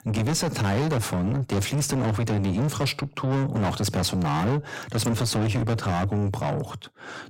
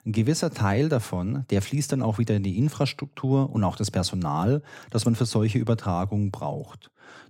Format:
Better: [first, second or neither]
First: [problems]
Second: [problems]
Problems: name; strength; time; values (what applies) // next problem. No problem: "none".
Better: second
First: distortion; heavy; 6 dB below the speech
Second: none